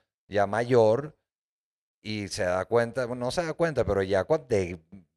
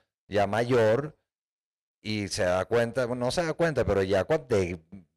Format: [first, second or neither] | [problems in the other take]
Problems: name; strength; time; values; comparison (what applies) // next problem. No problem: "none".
first | distortion; slight; 7% of the sound clipped